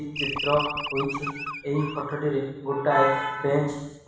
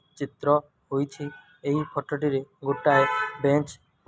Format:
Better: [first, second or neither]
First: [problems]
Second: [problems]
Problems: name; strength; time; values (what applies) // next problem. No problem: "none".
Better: second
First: background sound (Animal); 7 dB below the speech // room echo; dies away in 0.9 s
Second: none